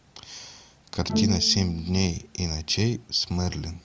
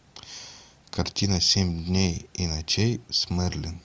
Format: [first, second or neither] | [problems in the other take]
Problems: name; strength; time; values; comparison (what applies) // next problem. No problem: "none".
second | background sound (Bowed string instrument); 6 dB below the speech